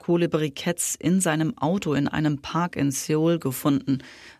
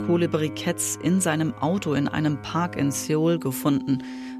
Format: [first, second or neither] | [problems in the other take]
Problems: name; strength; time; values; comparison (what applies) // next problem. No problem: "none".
first | background music; noticeable; throughout; 15 dB below the speech